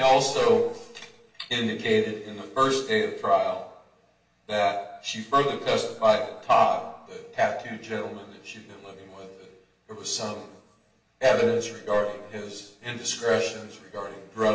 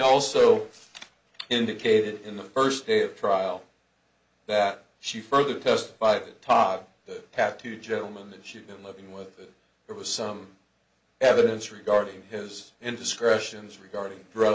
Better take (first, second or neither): second